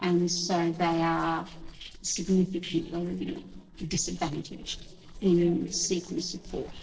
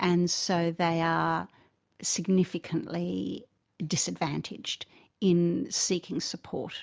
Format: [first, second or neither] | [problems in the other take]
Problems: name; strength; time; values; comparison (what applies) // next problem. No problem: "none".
second | noise reduction (neural separator model SepFormer DNS4)